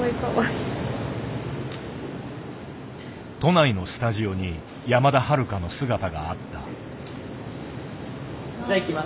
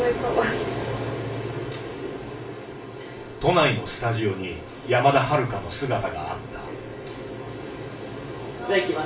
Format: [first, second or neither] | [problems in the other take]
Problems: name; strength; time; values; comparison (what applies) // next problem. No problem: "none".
first | room echo; dies away in 0.3 s